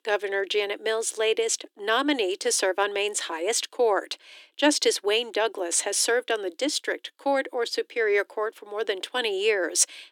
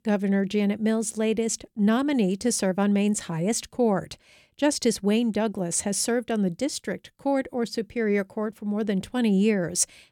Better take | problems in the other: second | thin; very; fading below 300 Hz

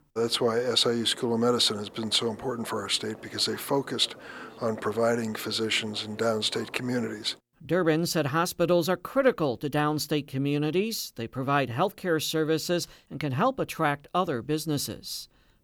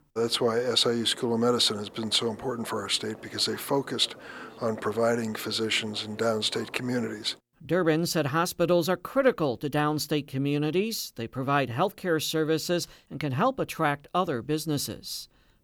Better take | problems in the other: neither | none

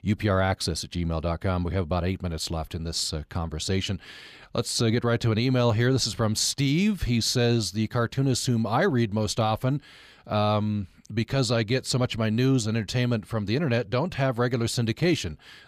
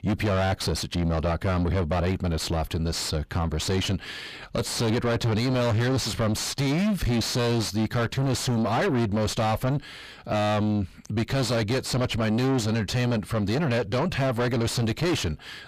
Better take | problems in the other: first | distortion; heavy; 5 dB below the speech

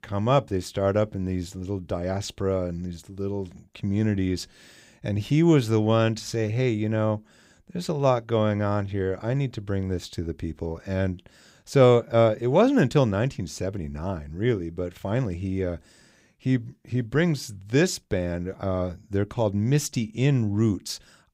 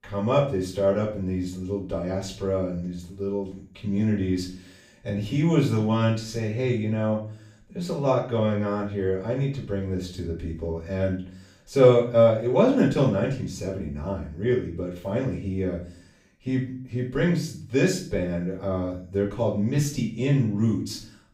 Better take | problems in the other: first | off-mic speech; far // room echo; slight; dies away in 0.4 s

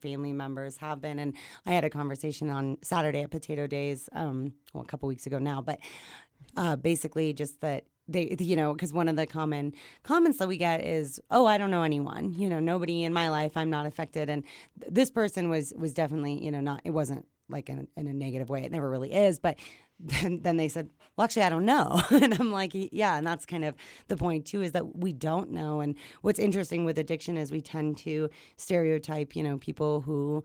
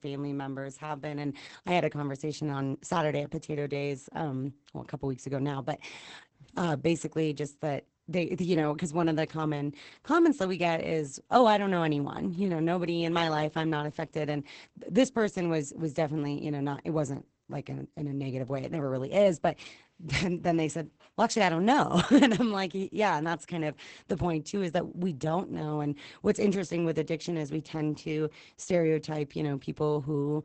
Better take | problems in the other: first | garbled, watery; badly; nothing above 8 kHz; slightly in the first

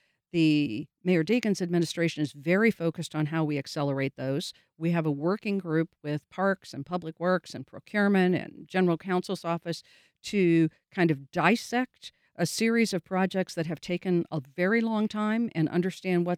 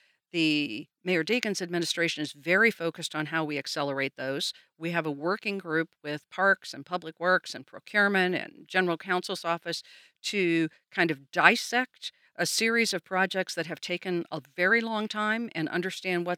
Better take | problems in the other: first | thin; somewhat; fading below 650 Hz

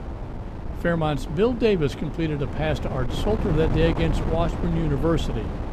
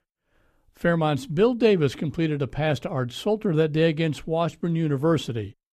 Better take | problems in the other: second | wind noise on the microphone; heavy; 9 dB below the speech

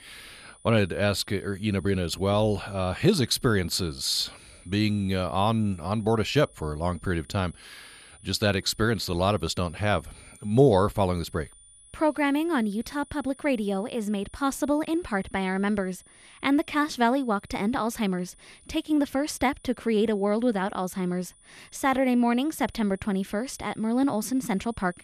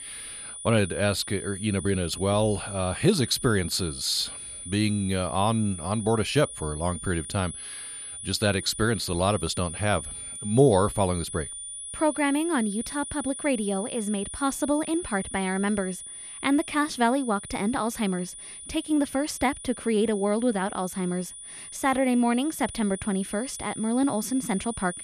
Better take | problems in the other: first | high-pitched whine; loud; throughout; 9.5 kHz, 10 dB below the speech; faint in the first

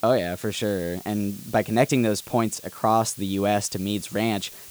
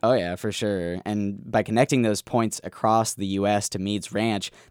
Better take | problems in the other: second | hiss; noticeable; throughout; 15 dB below the speech

